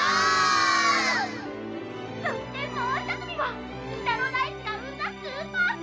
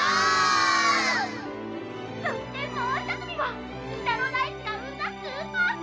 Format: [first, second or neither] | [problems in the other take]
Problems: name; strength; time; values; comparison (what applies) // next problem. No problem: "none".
first | background sound (Alarm); 19 dB below the speech